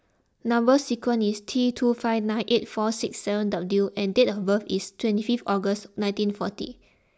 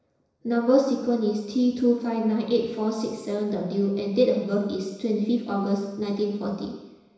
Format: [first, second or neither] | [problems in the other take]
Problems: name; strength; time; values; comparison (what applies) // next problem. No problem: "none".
first | room echo; dies away in 1 s